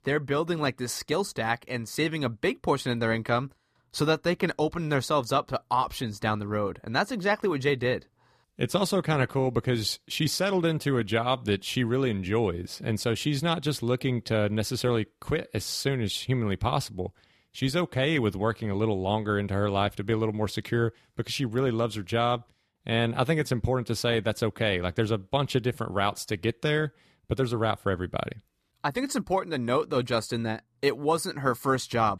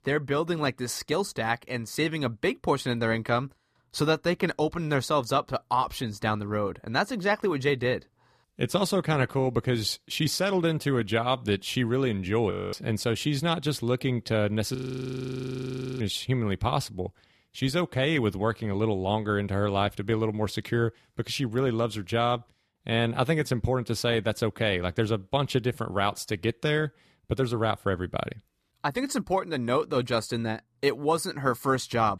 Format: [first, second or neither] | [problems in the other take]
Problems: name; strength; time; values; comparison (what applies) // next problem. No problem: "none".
first | audio freezing; at 13 s and at 15 s for 1.5 s